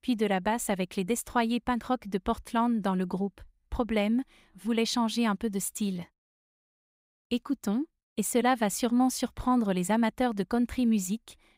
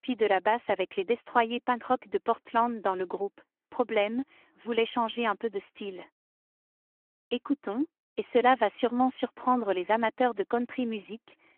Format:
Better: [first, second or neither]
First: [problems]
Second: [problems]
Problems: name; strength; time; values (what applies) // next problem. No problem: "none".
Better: first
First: none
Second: phone-call audio